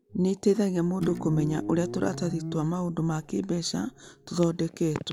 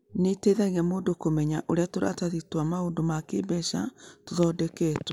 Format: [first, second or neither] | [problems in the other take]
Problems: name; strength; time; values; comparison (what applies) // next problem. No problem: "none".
second | background sound (Guitar); 9 dB below the speech